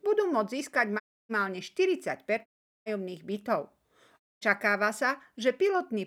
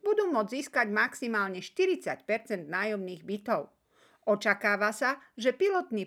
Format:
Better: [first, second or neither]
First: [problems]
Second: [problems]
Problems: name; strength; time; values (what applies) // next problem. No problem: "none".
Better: second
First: audio cutting out; at 1 s, at 2.5 s and at 4 s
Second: none